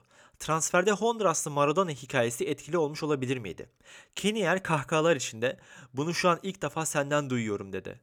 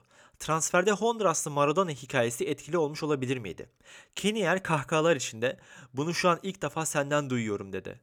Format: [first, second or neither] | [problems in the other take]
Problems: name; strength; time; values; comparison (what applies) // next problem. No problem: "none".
neither | none